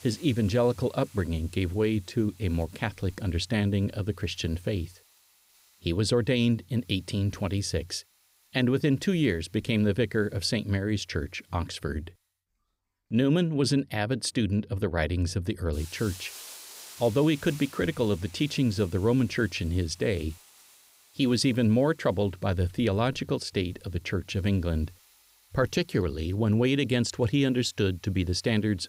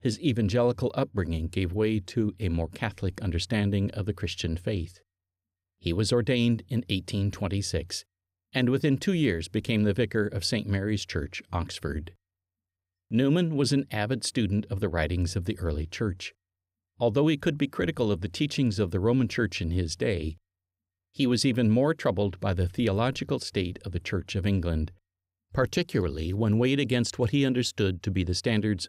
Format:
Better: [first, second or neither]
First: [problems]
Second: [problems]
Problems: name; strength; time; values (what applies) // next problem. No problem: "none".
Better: second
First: hiss; faint; throughout; 25 dB below the speech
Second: none